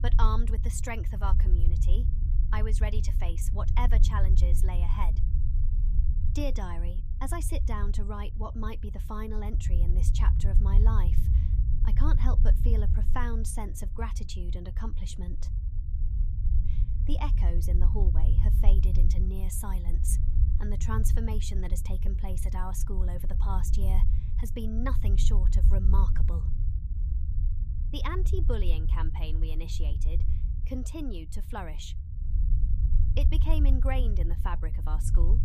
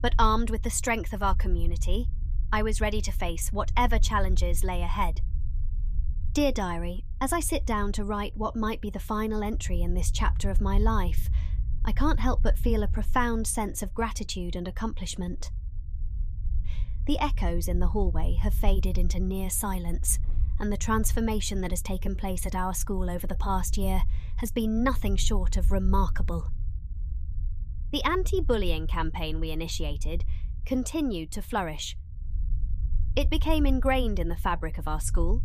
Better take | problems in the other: second | low rumble; loud; throughout; 8 dB below the speech; faint in the second

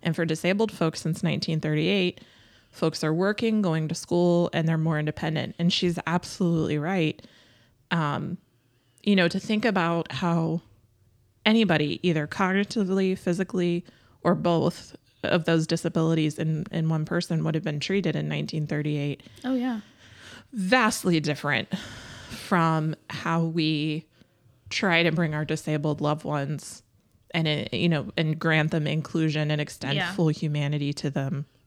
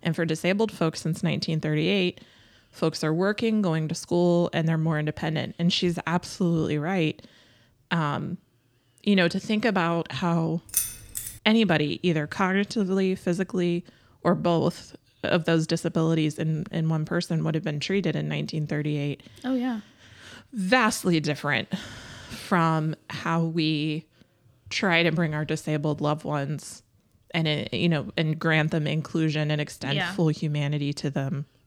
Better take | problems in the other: first | jangling keys; noticeable; at 11 s; peak level with the speech

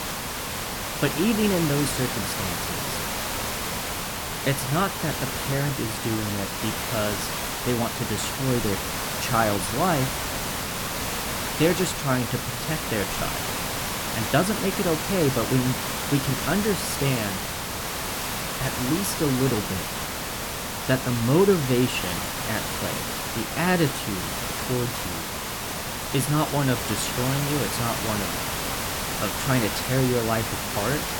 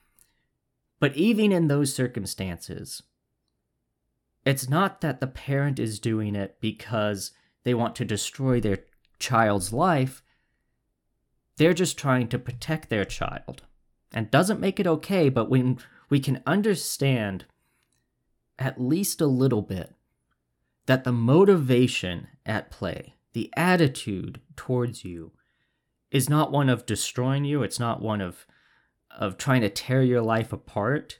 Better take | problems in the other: second | hiss; loud; throughout; 1 dB below the speech

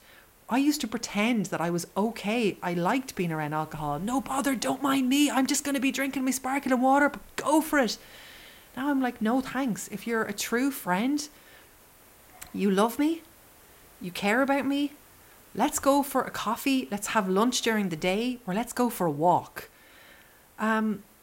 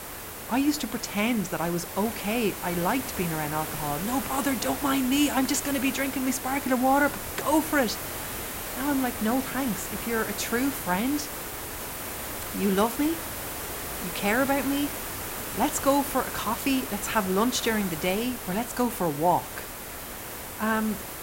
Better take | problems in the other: first | hiss; loud; throughout; 6 dB below the speech; faint in the first

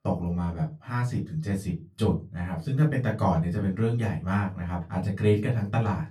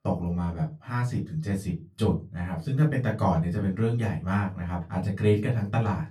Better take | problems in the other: neither | off-mic speech; far; the same in both // room echo; very slight; dies away in 0.3 s; the same in both

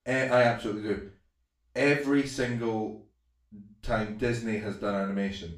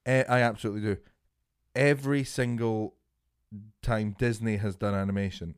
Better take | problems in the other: second | room echo; noticeable; dies away in 0.4 s // off-mic speech; far

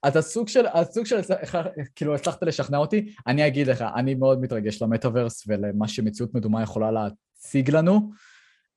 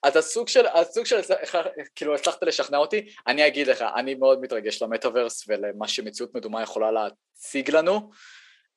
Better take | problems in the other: first | thin; somewhat; fading below 350 Hz

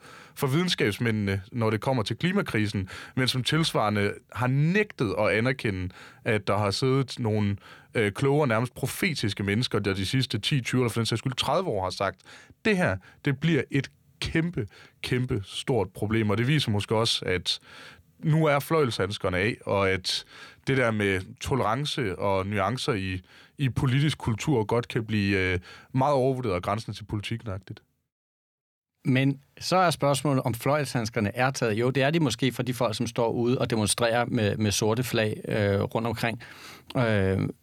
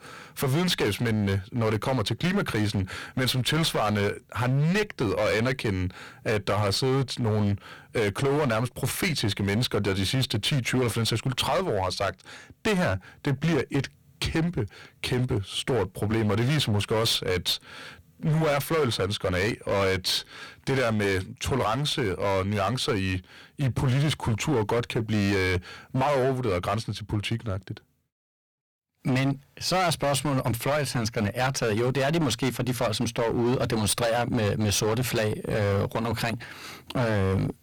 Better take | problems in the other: first | distortion; heavy; 16% of the sound clipped

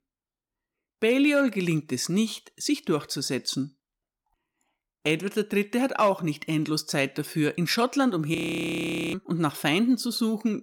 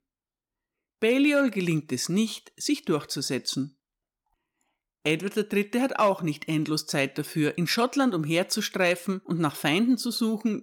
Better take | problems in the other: second | audio freezing; at 8.5 s for 1 s

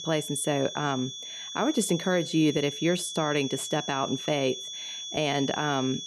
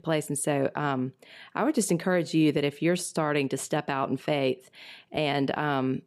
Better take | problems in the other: second | high-pitched whine; loud; throughout; 3.5 kHz, 7 dB below the speech

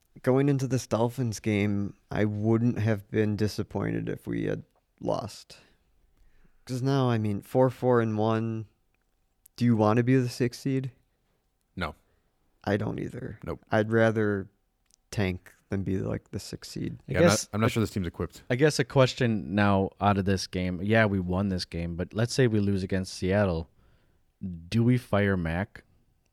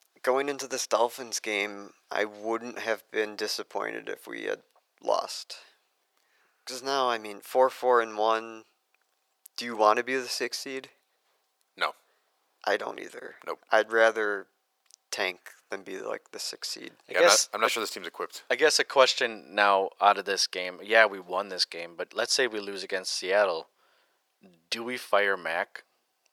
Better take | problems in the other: first | thin; very; fading below 550 Hz

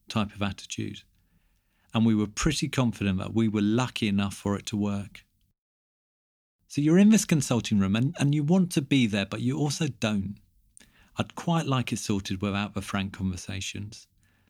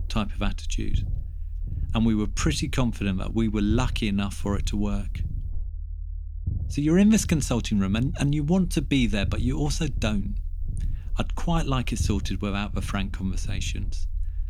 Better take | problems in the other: first | low rumble; faint; throughout; 20 dB below the speech

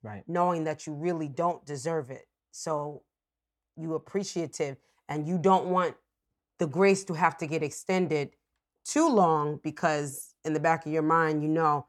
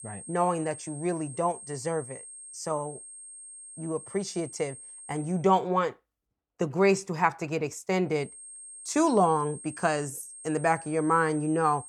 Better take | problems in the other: first | high-pitched whine; noticeable; until 5.5 s and from 8.5 s on; 8.5 kHz, 15 dB below the speech

